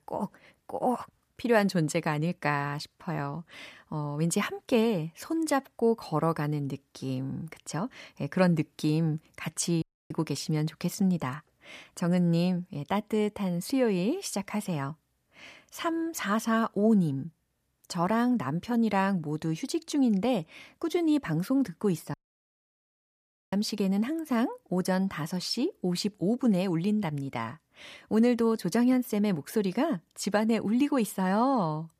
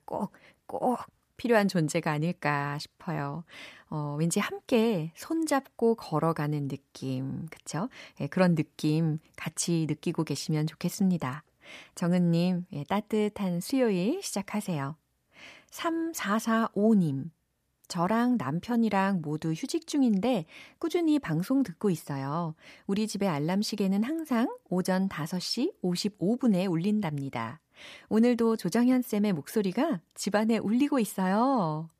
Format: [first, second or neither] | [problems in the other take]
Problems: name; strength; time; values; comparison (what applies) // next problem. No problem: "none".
second | audio cutting out; at 10 s and at 22 s for 1.5 s